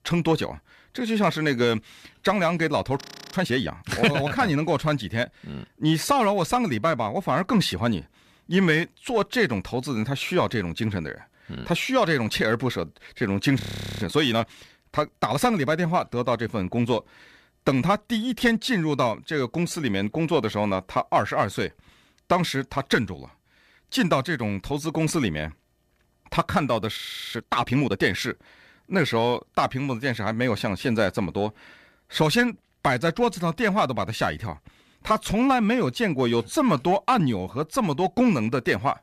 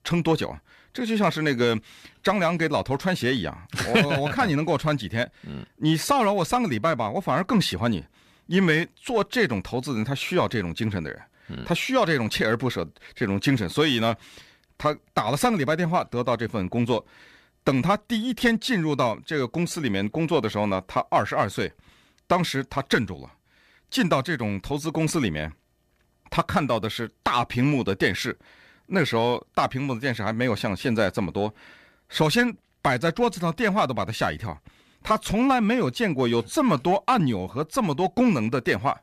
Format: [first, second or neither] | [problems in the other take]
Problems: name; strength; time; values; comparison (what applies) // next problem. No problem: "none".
second | audio freezing; at 3 s, at 14 s and at 27 s